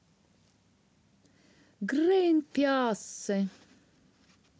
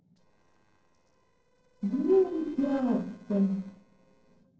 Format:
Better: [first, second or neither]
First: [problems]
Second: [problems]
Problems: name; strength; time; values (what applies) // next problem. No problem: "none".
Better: first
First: none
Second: noise reduction (neural separator model SepFormer DNS4)